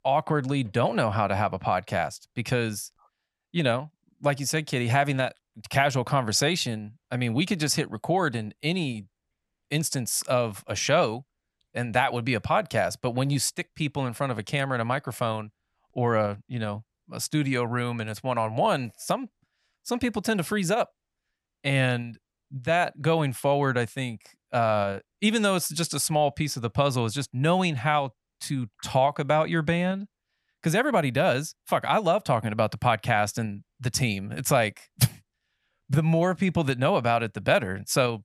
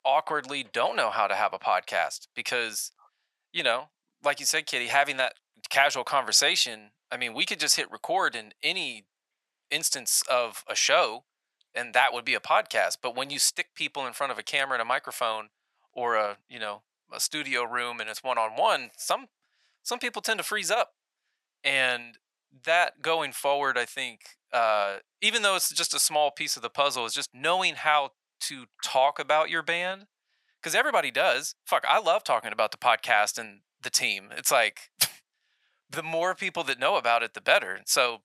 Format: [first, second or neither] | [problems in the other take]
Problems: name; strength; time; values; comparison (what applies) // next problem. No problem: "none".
first | thin; very; fading below 700 Hz